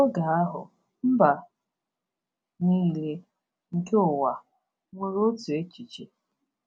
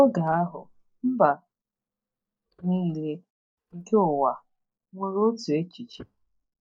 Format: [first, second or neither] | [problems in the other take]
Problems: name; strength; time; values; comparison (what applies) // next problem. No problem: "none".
first | noise reduction (neural mask model DeepFilterNet 3)